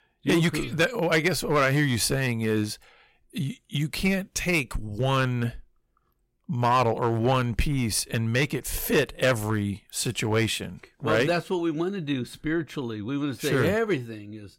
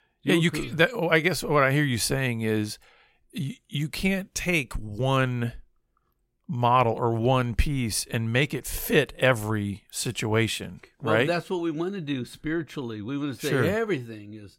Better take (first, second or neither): second